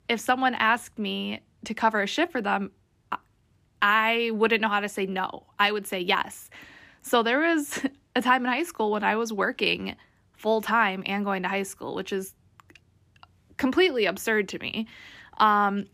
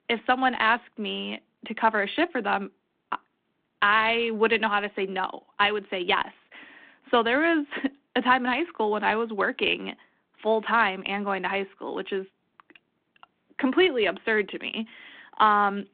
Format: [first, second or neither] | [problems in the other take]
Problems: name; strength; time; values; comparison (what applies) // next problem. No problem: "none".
first | phone-call audio